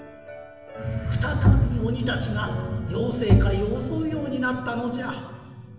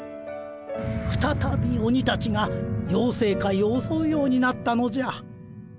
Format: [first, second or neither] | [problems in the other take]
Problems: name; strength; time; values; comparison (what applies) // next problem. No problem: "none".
second | background sound (Bowed string instrument); 3 dB above the speech // room echo; dies away in 1.3 s